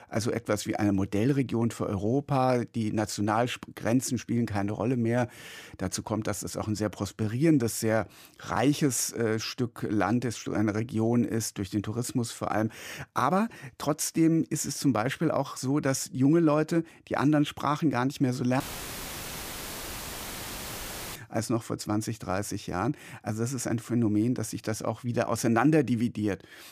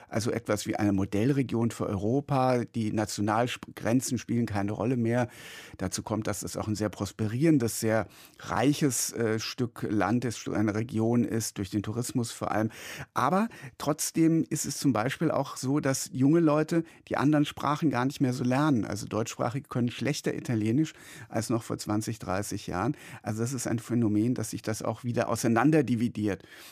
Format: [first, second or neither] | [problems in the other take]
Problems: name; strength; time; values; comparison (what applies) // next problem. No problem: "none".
second | audio cutting out; filled with static; at 19 s for 2.5 s